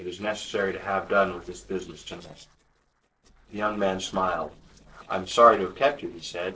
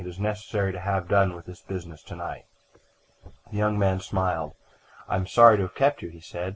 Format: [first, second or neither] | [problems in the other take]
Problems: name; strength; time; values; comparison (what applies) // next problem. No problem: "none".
second | noise reduction (neural separator model SepFormer DNS4)